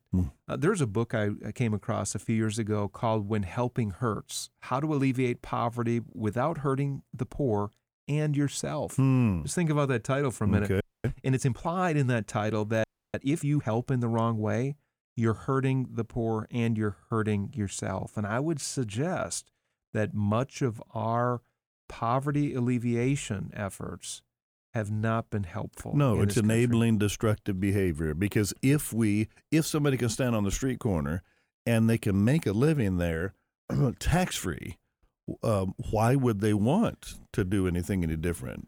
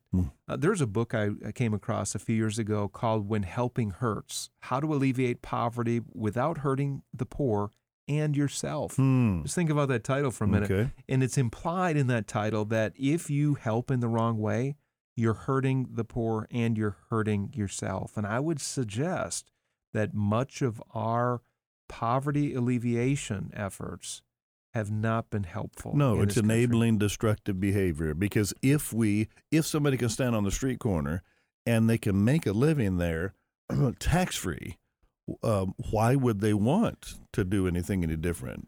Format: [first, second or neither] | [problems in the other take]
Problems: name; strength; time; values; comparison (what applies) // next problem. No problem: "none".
second | audio freezing; at 11 s and at 13 s